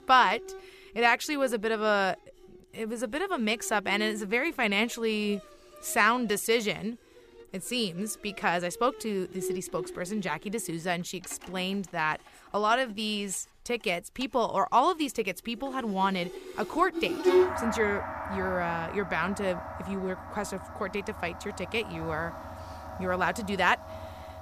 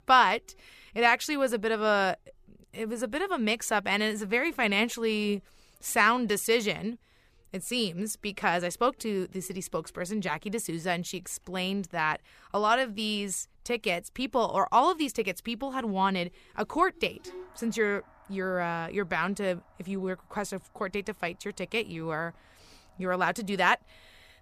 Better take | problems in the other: second | background music; loud; throughout; 7 dB below the speech; faint in the second

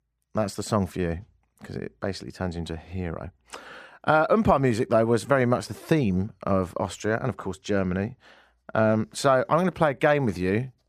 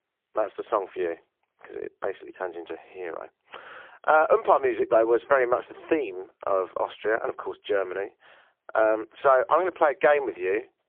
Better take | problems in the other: first | phone-call audio; poor line; nothing above 3.5 kHz

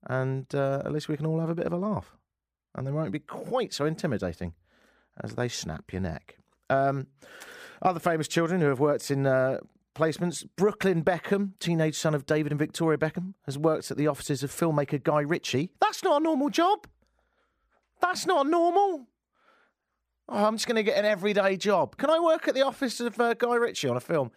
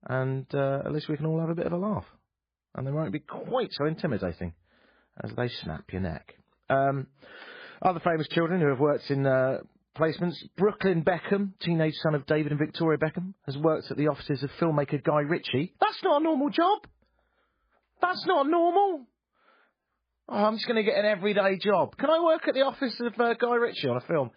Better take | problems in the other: first | garbled, watery; badly; nothing above 4 kHz

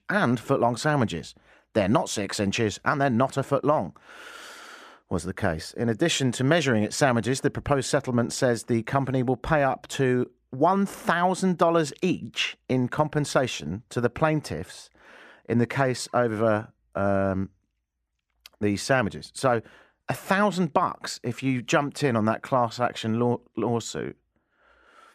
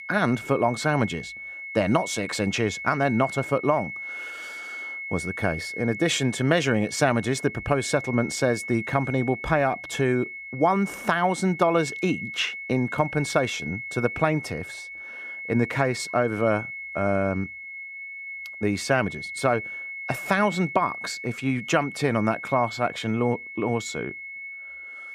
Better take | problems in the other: first | high-pitched whine; loud; throughout; 2 kHz, 9 dB below the speech

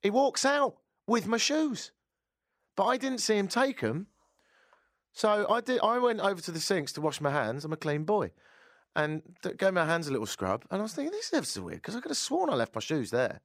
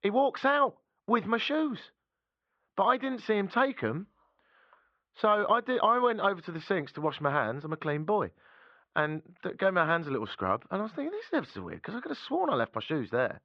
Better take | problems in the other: first | muffled; very; fading above 3.5 kHz

